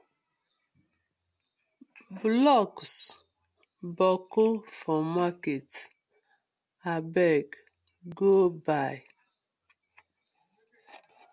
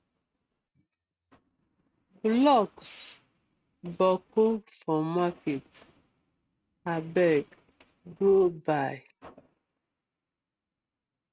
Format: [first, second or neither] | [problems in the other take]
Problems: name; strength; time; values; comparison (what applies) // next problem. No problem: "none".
first | noise reduction (neural mask model RNNoise)